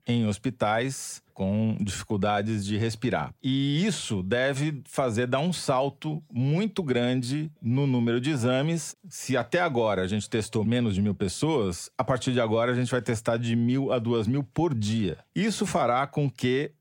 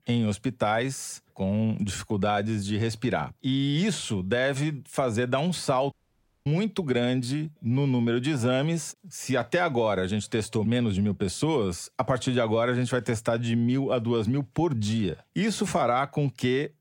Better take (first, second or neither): first